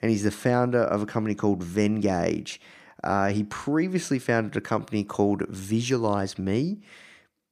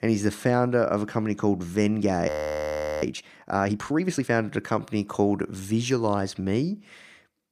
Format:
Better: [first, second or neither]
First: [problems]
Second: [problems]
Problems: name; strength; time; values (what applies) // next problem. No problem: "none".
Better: first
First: none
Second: audio freezing; at 2.5 s for 0.5 s